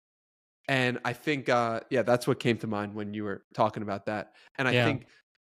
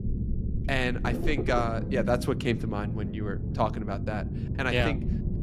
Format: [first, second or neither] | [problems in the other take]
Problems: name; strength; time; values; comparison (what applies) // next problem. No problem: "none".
first | low rumble; noticeable; throughout; 10 dB below the speech